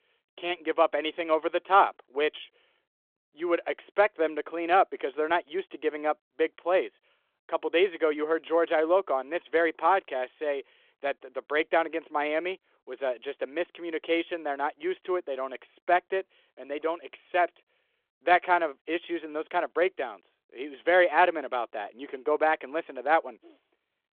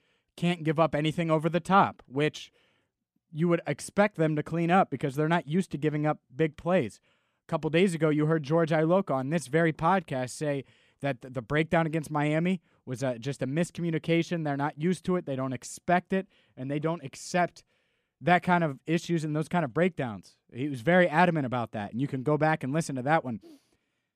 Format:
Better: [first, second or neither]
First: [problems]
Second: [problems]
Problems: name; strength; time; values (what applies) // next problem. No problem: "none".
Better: second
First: phone-call audio; nothing above 3.5 kHz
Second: none